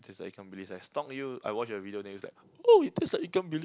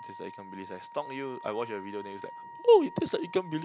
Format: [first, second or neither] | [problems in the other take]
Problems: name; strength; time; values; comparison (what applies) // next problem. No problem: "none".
first | background sound (Wind instrument, woodwind instrument); 15 dB below the speech